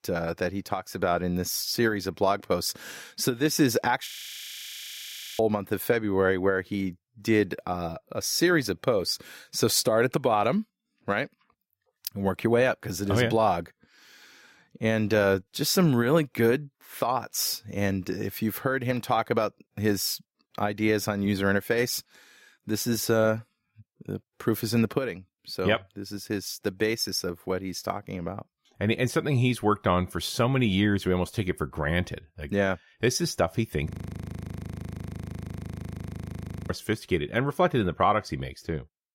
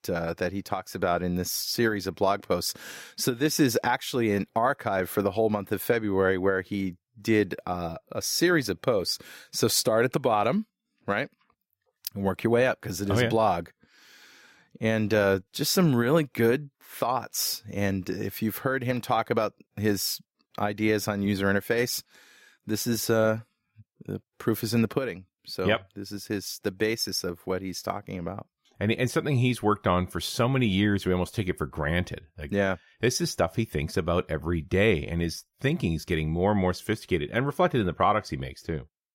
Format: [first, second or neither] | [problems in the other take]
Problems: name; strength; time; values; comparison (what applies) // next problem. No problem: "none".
second | audio freezing; at 4 s for 1.5 s and at 34 s for 3 s